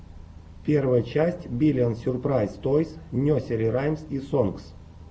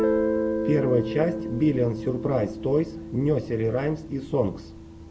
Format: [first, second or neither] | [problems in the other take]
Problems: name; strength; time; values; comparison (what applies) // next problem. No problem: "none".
first | background sound (Guitar); 4 dB below the speech